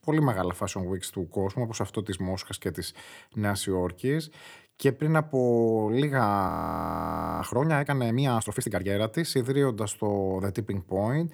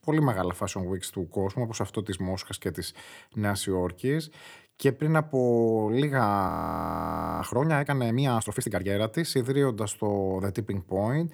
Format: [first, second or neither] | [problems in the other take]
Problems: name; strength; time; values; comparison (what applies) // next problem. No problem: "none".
neither | audio freezing; at 6.5 s for 1 s; the same in both